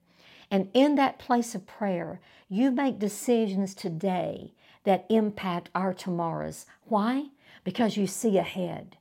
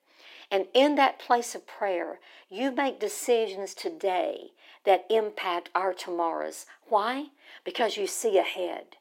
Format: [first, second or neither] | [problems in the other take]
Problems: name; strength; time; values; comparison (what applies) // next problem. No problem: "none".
first | thin; somewhat; fading below 300 Hz